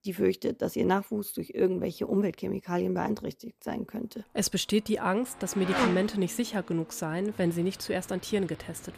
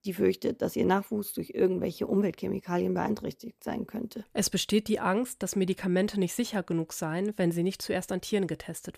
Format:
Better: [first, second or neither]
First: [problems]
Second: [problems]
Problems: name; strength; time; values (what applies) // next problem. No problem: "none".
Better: second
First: traffic noise; loud; from 4 s on; 2 dB below the speech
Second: none